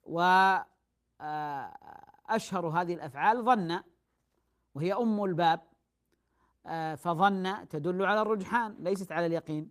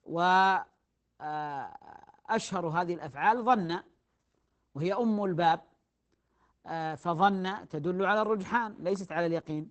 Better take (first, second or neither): first